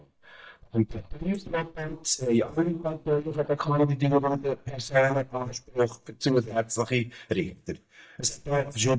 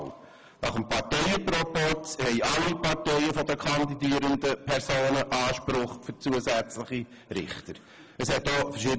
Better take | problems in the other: second | noise reduction (neural mask model DeepFilterNet 3)

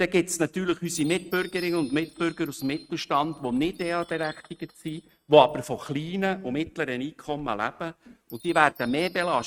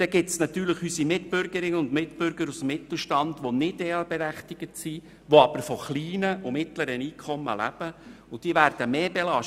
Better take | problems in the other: second | noise reduction (neural mask model RNNoise)

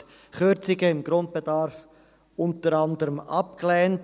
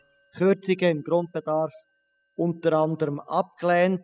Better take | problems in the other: first | noise reduction (classical method spectral subtraction)

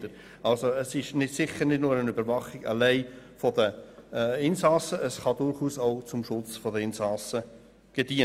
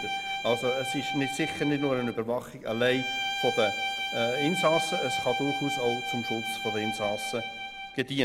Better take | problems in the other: first | background sound (Bowed string instrument); 3 dB below the speech

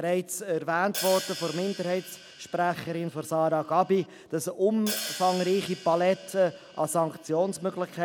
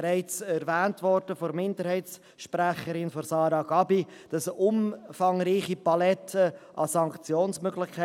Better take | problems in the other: second | background sound (Hi-hat); 13 dB below the speech

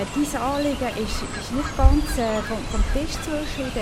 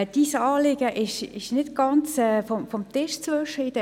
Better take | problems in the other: second | background sound (Fowl); 2 dB above the speech

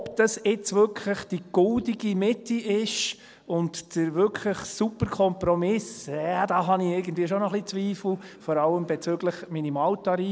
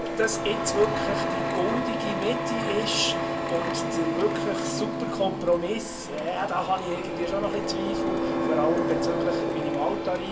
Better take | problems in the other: first | background sound (Printer); 1 dB above the speech // room echo; dies away in 0.2 s

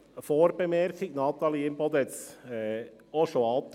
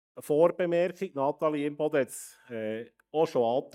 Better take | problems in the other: first | noise reduction (neural mask model DeepFilterNet 3)

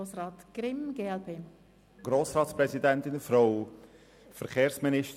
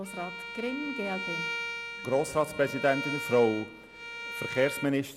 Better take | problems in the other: first | background sound (Bowed string instrument); 7 dB below the speech

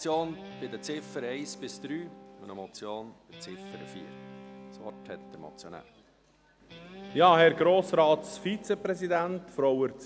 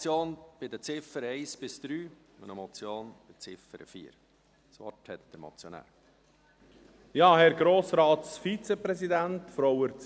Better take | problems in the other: second | background sound (Guitar); 18 dB below the speech

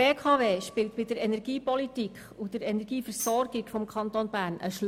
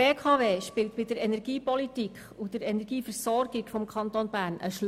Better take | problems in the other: second | background sound (Tambourine); 15 dB below the speech

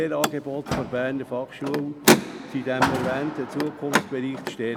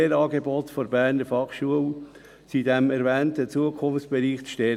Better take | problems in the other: second | background sound (Car); 2 dB above the speech

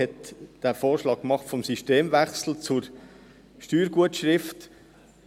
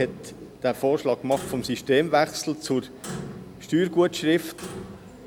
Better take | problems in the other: first | background sound (Clock); 15 dB below the speech

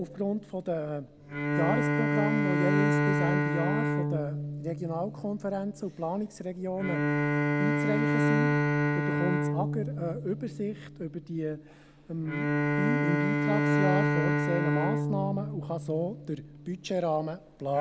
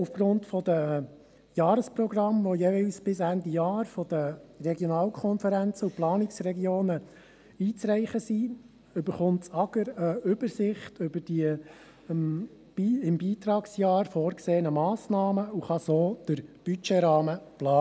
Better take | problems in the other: second | background sound (Bowed string instrument); 4 dB above the speech

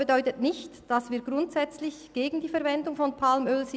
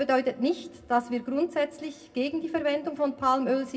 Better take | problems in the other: first | room echo; dies away in 0.2 s

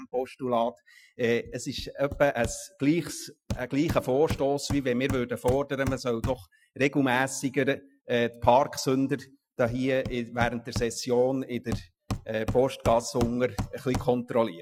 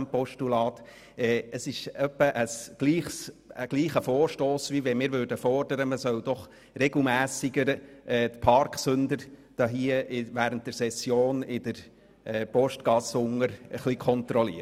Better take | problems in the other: second | noise reduction (classical method Wiener filter)

